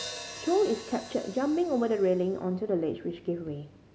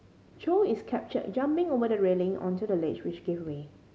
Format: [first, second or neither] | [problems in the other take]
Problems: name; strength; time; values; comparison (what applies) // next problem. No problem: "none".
second | background sound (Hi-hat); 17 dB below the speech